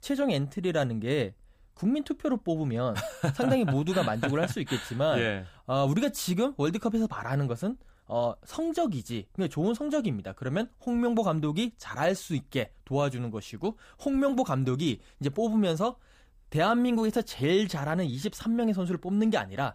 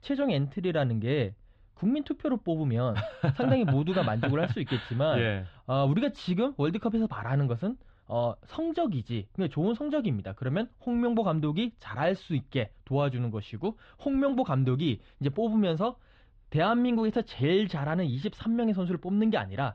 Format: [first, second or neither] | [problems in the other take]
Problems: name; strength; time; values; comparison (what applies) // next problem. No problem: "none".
first | muffled; slightly; fading above 3.5 kHz